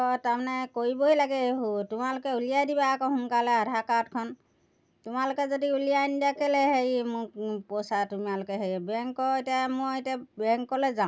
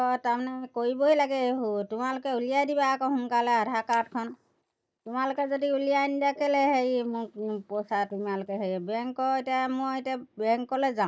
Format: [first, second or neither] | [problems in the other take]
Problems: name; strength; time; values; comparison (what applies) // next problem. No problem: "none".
first | noise reduction (neural mask model DeepFilterNet 3)